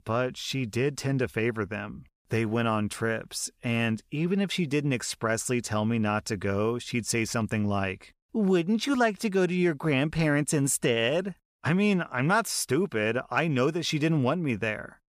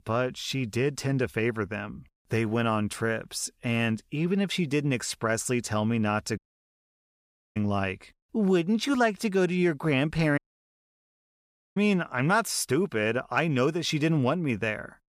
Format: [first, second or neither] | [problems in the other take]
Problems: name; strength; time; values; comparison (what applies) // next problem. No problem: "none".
first | audio cutting out; at 6.5 s for 1 s and at 10 s for 1.5 s